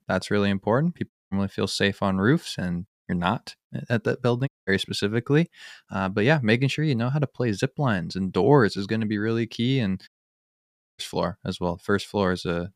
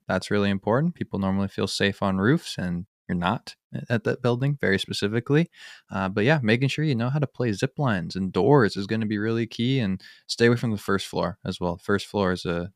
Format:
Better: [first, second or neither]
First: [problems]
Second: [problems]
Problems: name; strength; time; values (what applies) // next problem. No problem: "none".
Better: second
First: audio cutting out; at 1 s, at 4.5 s and at 10 s for 1 s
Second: none